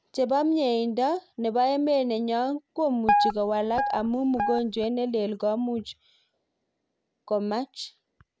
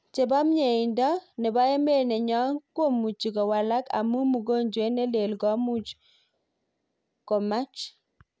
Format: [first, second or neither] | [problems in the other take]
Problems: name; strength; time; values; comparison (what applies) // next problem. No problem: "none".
second | background sound (Guitar); as loud as the speech